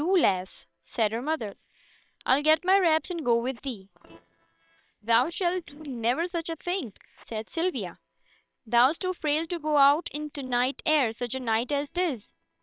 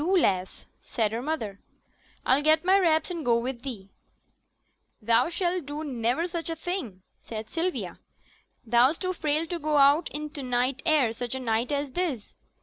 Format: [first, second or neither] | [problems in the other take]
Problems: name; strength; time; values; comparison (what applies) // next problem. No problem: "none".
second | noise reduction (neural separator model SepFormer WHAM!)